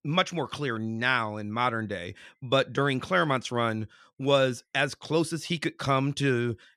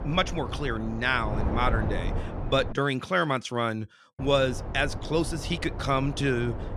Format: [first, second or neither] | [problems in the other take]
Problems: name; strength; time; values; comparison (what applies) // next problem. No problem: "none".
first | wind noise on the microphone; occasional gusts; until 2.5 s and from 4 s on; 10 dB below the speech